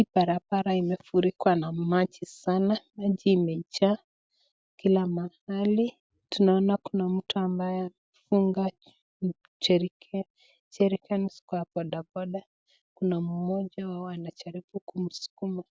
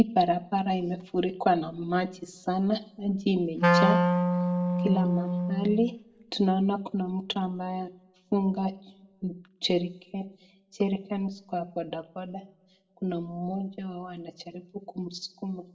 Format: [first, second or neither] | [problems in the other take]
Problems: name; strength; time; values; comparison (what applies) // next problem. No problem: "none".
first | background sound (Wind instrument, woodwind instrument); 4 dB above the speech // room echo; dies away in 0.4 s